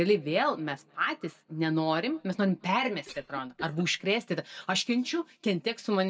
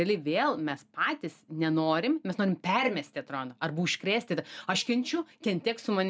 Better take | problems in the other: second | noise reduction (neural mask model DeepFilterNet 3)

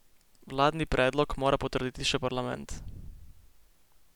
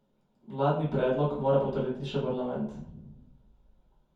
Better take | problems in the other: first | room echo; dies away in 0.6 s

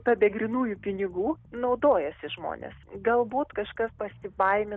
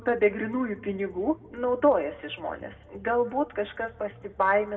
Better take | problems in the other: first | room echo; dies away in 1.4 s

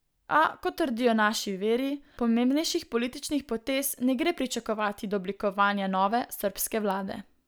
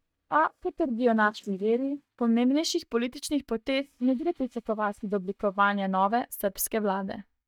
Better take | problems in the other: first | noise reduction (neural mask model DeepFilterNet 3)

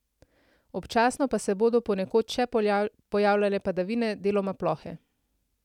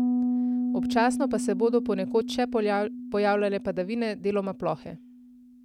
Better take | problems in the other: first | background sound (Piano); 3 dB below the speech

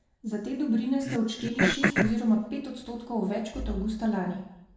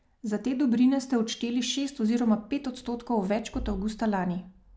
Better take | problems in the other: second | background sound (Cough); as loud as the speech // room echo; dies away in 0.8 s

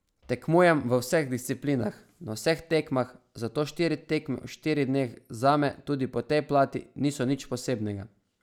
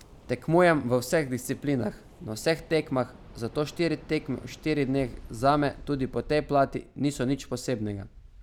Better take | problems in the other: first | background sound (Waves, surf); 19 dB below the speech

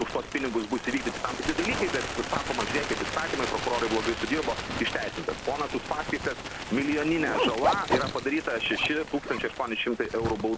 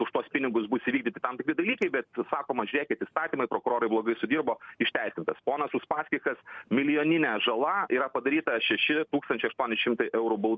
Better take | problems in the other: second | background sound (Zipper (clothing) + Bird); 4 dB below the speech

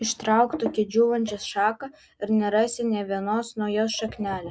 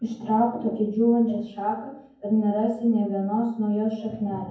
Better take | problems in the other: first | room echo; dies away in 0.9 s

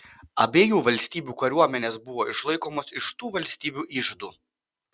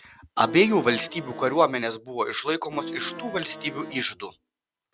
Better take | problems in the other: first | background sound (Accordion); 11 dB below the speech

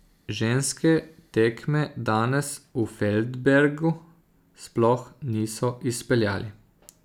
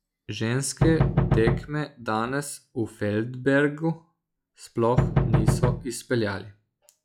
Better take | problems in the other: first | noise reduction (classical method log-MMSE)

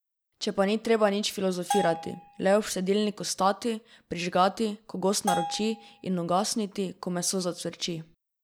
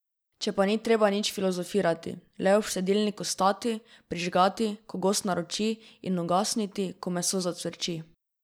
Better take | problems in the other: second | background sound (Bell); 7 dB below the speech

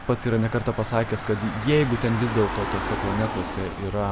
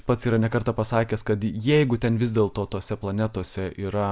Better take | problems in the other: second | background sound (Chime + Engine / Car); 7 dB below the speech

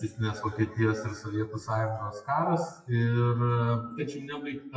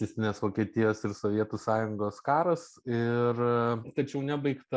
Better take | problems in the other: second | noise reduction (classical method WPE with log-MMSE)

